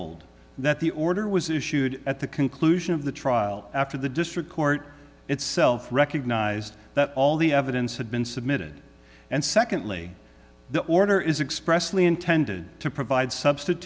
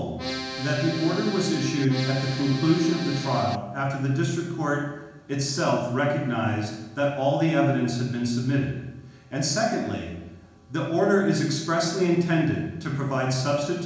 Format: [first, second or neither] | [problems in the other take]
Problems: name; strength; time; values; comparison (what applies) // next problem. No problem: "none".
first | background sound (Accordion); 8 dB below the speech // room echo; dies away in 1 s